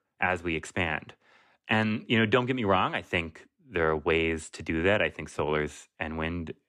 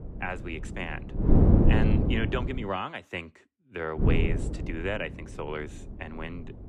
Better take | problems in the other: first | wind noise on the microphone; heavy; until 2.5 s and from 4 s on; 1 dB above the speech

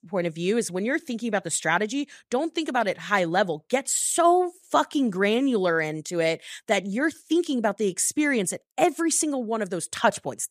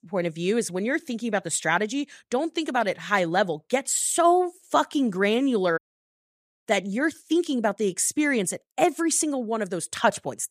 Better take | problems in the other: first | audio cutting out; at 6 s for 1 s

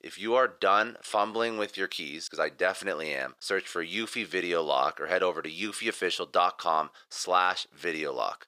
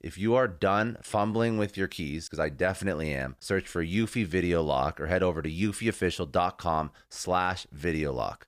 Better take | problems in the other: second | thin; somewhat; fading below 450 Hz

